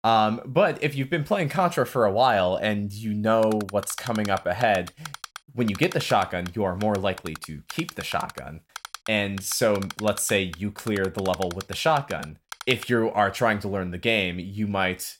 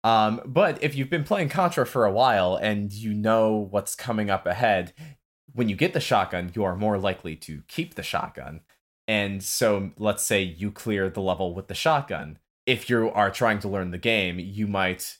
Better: second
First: keyboard typing; faint; from 3.5 to 13 s; peak 10 dB below the speech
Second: none

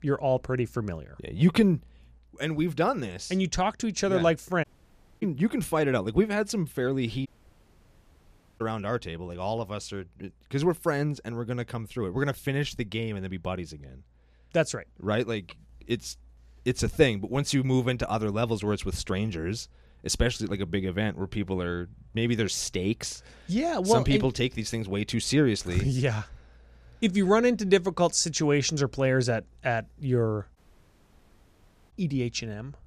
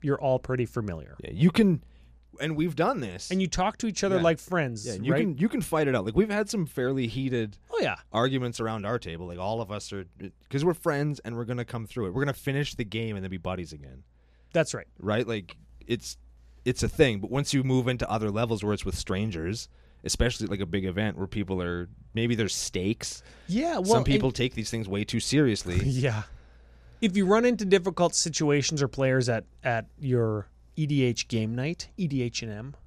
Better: second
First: audio cutting out; at 4.5 s for 0.5 s, at 7.5 s for 1.5 s and at 31 s for 1.5 s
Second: none

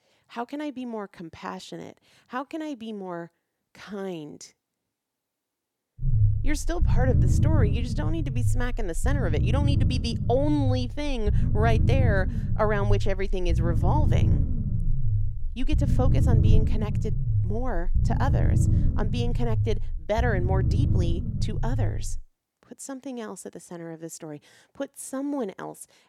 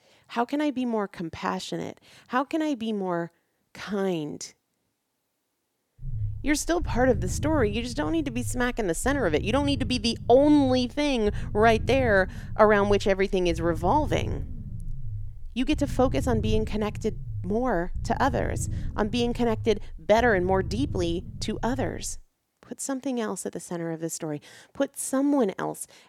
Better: second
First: low rumble; loud; from 6 to 22 s; 6 dB below the speech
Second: low rumble; faint; from 6 to 22 s; 20 dB below the speech

